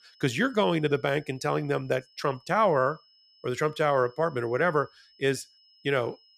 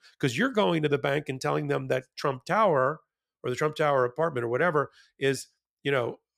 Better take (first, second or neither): second